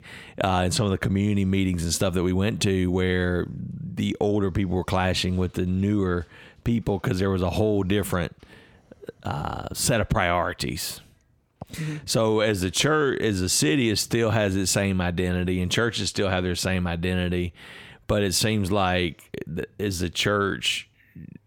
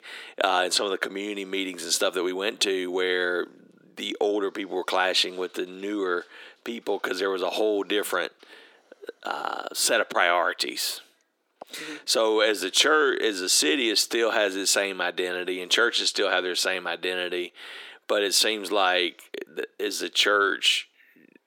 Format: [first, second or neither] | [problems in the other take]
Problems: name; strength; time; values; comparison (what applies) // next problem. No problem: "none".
first | thin; very; fading below 300 Hz